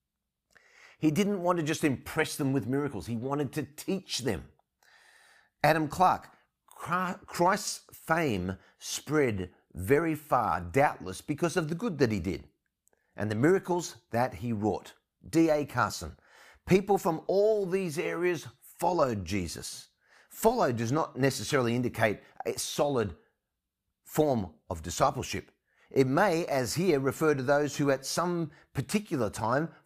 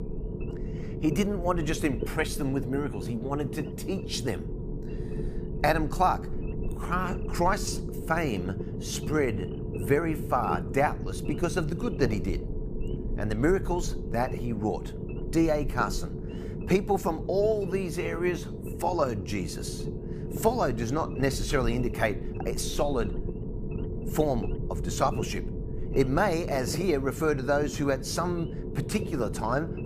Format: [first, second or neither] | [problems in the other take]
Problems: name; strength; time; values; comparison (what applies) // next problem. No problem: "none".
first | low rumble; noticeable; throughout; 10 dB below the speech